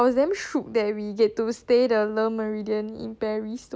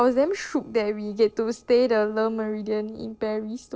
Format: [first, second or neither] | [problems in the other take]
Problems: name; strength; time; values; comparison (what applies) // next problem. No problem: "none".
first | noise reduction (neural separator model SepFormer DNS4)